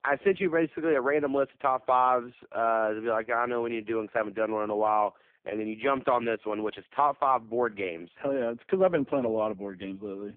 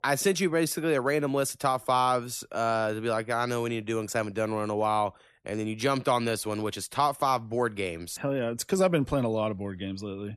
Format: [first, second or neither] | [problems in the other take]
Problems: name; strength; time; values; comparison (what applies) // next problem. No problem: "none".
second | phone-call audio; poor line